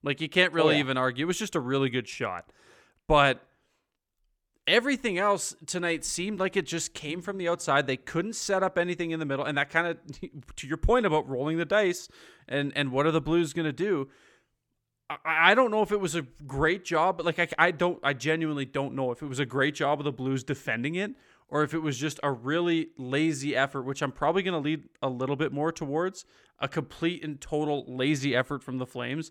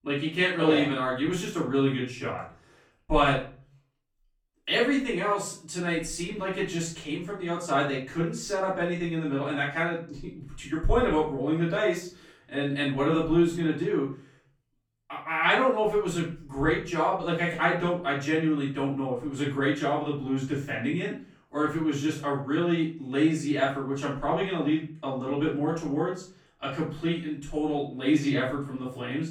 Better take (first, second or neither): first